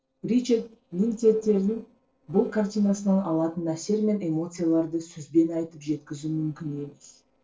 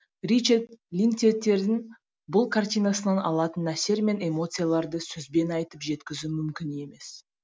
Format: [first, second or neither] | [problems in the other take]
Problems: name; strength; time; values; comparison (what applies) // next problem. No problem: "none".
second | noise reduction (neural separator model SepFormer DNS4)